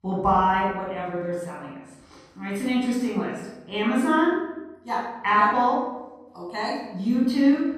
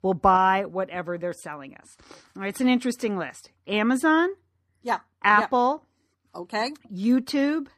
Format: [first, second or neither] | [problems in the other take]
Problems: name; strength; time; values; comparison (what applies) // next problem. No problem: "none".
second | off-mic speech; far // room echo; noticeable; dies away in 0.9 s